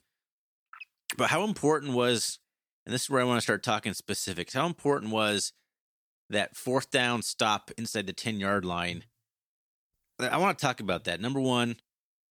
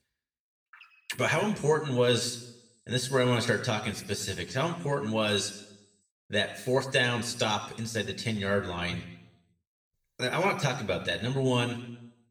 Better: first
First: none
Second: room echo; slight; dies away in 0.7 s // off-mic speech; somewhat distant

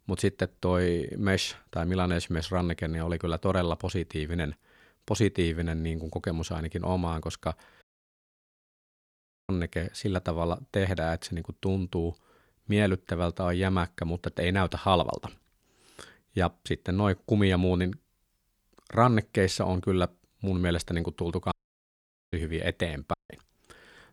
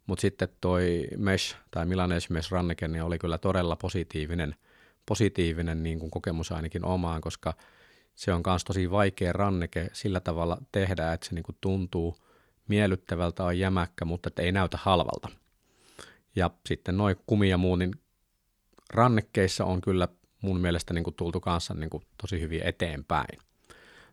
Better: second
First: audio cutting out; at 8 s for 1.5 s, at 22 s for 1 s and at 23 s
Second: none

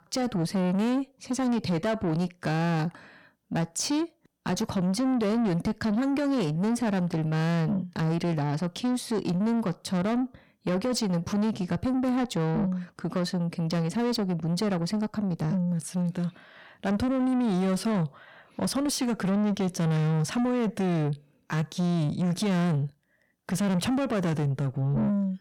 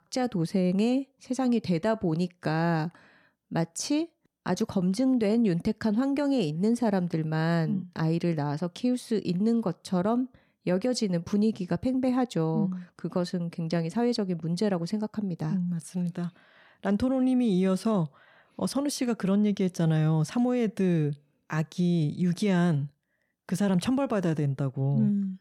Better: second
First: distortion; slight; 10 dB below the speech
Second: none

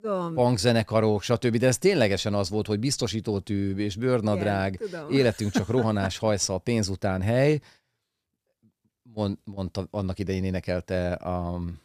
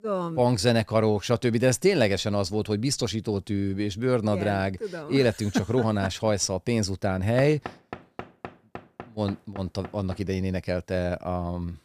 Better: first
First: none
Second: door banging; faint; from 7.5 to 10 s; peak 10 dB below the speech

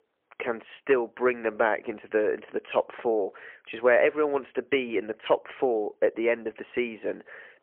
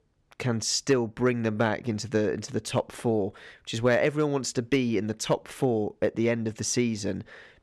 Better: second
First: phone-call audio; poor line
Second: none

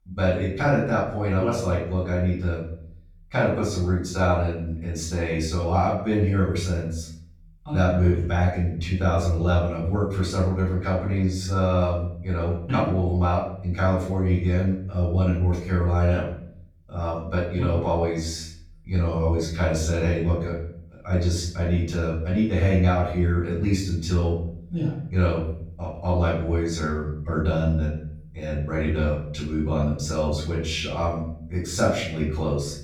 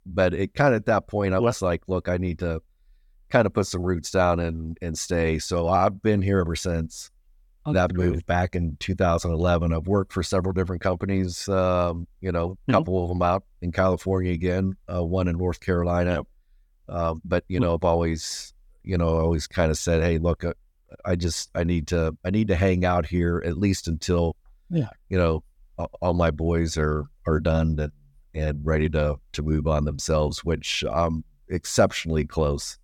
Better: second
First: off-mic speech; far // room echo; noticeable; dies away in 0.6 s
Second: none

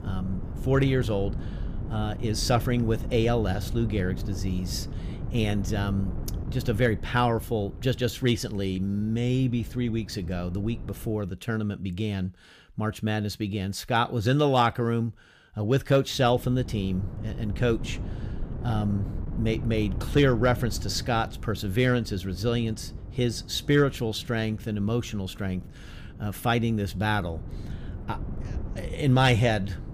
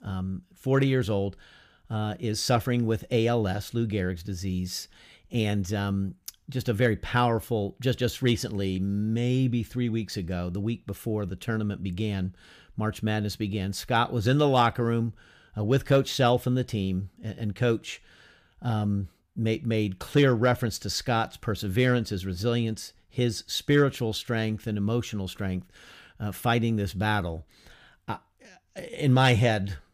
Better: second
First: wind noise on the microphone; occasional gusts; until 11 s and from 16 s on; 20 dB below the speech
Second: none

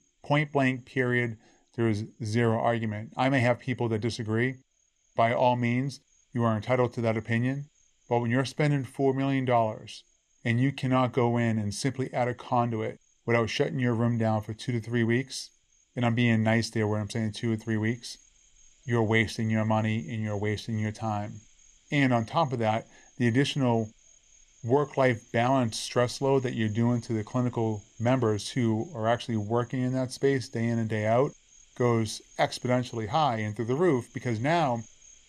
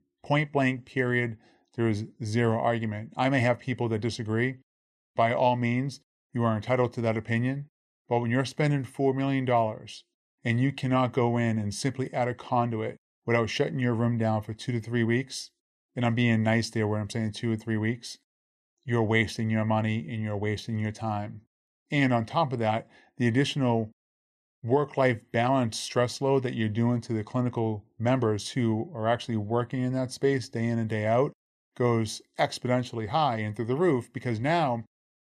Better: second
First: animal sounds; faint; throughout; 30 dB below the speech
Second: none

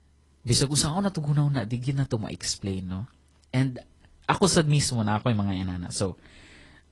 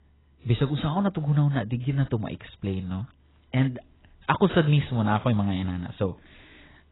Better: first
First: garbled, watery; slightly; nothing above 10.5 kHz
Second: garbled, watery; badly; nothing above 4 kHz

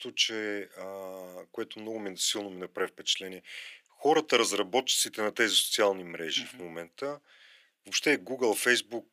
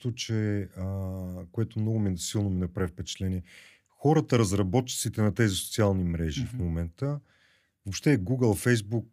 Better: second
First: thin; very; fading below 400 Hz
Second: none

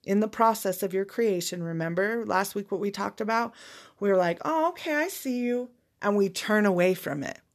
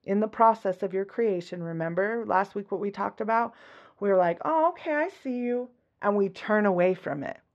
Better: first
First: none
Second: muffled; very; fading above 2.5 kHz

